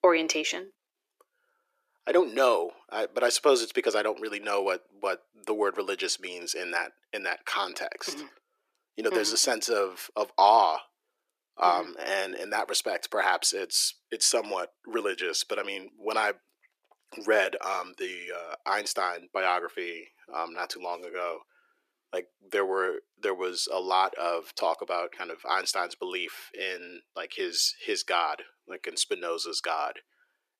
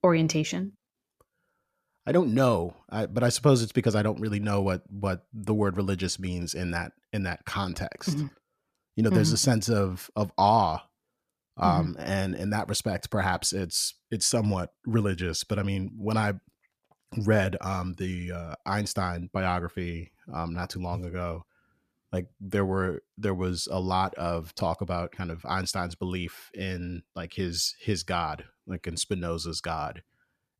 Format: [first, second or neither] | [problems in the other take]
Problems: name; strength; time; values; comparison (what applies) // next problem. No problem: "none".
second | thin; very; fading below 350 Hz